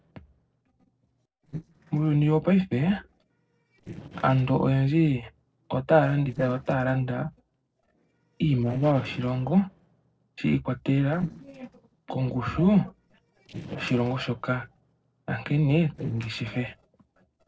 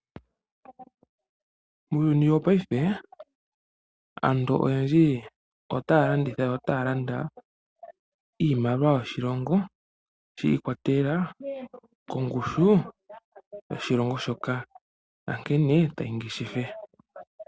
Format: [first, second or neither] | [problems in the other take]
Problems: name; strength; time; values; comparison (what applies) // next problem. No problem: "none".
second | noise reduction (neural separator model SepFormer DNS4)